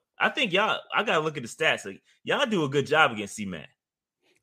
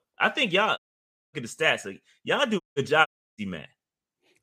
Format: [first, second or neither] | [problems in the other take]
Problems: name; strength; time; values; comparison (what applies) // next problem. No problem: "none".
first | audio cutting out; at 1 s for 0.5 s, at 2.5 s and at 3 s